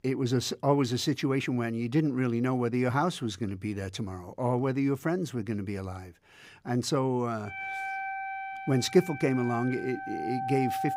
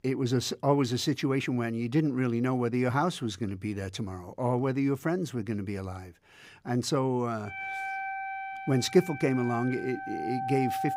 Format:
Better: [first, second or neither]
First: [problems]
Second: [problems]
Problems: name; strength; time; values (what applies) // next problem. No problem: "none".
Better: neither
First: background music; loud; throughout; 7 dB below the speech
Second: background music; loud; throughout; 7 dB below the speech